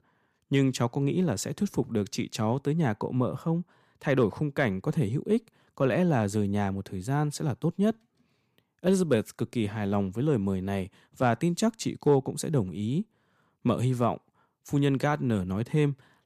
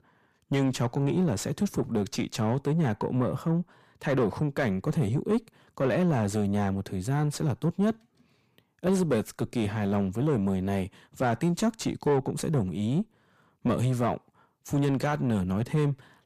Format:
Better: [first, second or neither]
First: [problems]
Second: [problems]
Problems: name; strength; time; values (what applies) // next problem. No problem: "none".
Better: first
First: none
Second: distortion; slight; 10 dB below the speech